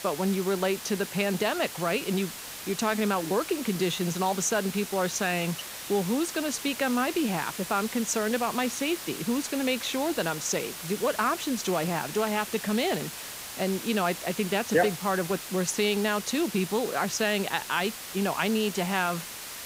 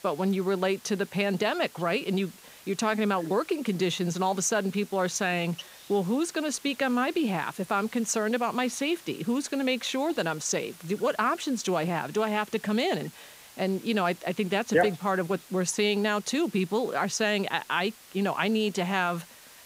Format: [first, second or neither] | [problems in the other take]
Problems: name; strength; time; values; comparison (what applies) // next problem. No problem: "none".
second | hiss; loud; throughout; 9 dB below the speech; faint in the second